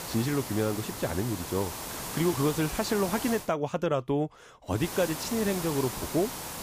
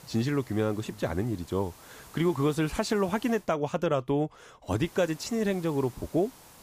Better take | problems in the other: second | hiss; loud; until 3.5 s and from 5 s on; 6 dB below the speech; faint in the second

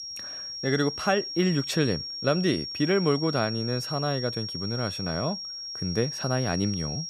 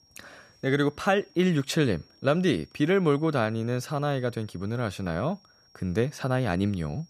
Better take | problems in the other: second | high-pitched whine; loud; throughout; 5.5 kHz, 5 dB below the speech; faint in the second

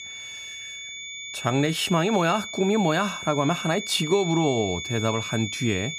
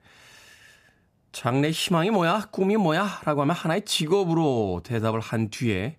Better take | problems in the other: second | high-pitched whine; loud; throughout; 2.5 kHz, 8 dB below the speech

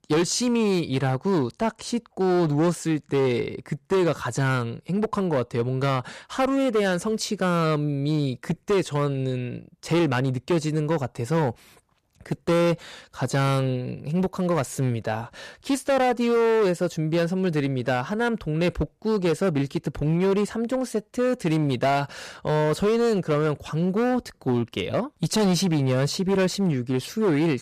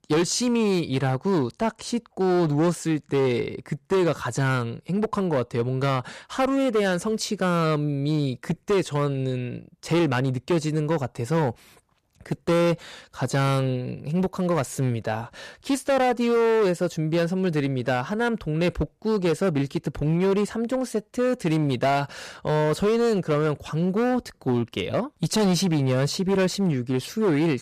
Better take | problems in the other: neither | distortion; slight; 12% of the sound clipped; the same in both

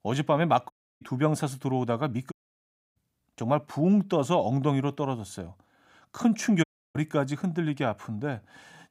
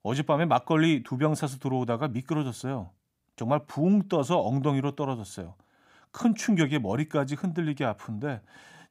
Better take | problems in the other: second | audio cutting out; at 0.5 s, at 2.5 s for 0.5 s and at 6.5 s

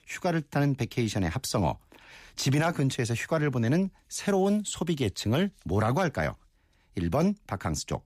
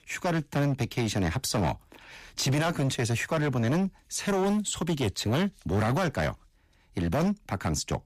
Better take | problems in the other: first | distortion; slight; 14% of the sound clipped

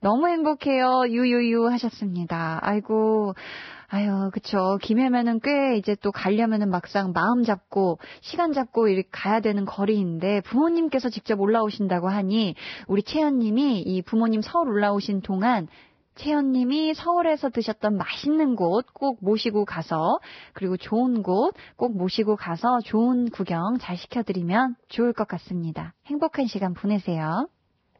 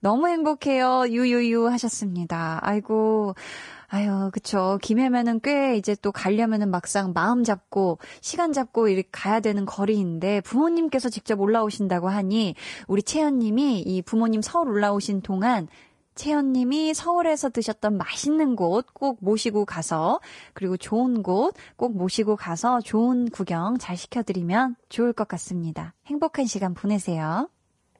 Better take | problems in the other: second | garbled, watery; badly; nothing above 5.5 kHz; slightly in the second

